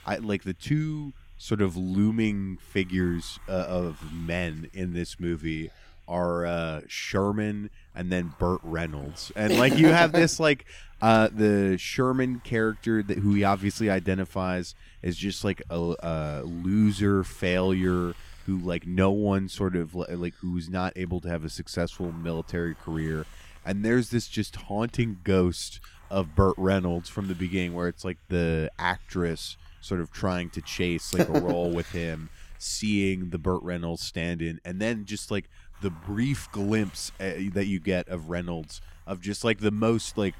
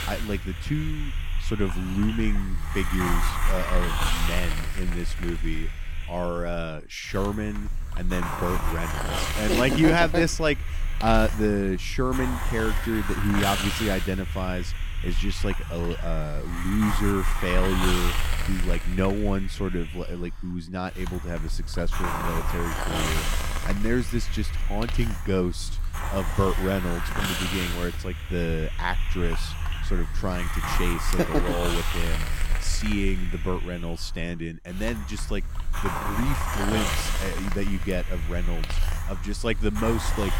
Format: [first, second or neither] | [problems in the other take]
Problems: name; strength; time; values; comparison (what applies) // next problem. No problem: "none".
first | hiss; loud; throughout; 2 dB below the speech; faint in the first